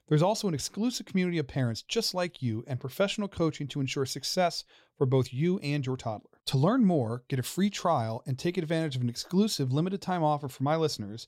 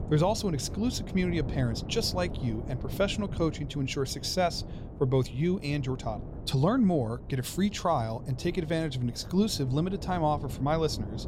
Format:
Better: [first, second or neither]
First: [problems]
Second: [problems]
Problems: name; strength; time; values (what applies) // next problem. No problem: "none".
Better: first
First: none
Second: wind noise on the microphone; occasional gusts; 15 dB below the speech